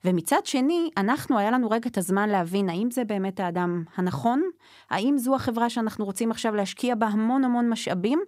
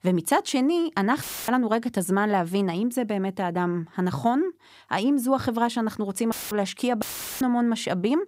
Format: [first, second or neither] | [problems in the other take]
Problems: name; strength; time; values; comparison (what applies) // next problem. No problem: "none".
first | audio cutting out; filled with static; at 1 s, at 6.5 s and at 7 s